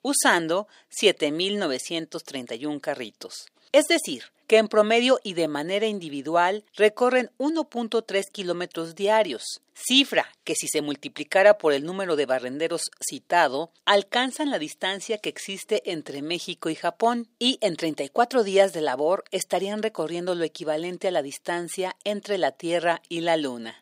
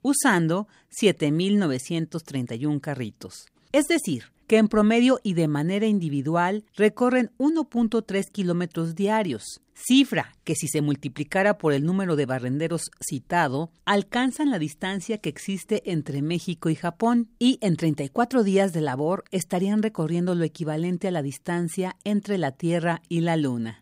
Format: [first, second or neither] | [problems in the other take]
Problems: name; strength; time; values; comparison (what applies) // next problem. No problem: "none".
second | thin; somewhat; fading below 450 Hz